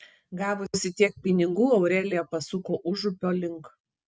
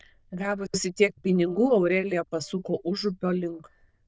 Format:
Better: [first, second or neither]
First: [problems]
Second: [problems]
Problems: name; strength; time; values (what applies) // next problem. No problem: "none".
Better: first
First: none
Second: noise reduction (neural diffusion model UNIVERSE++)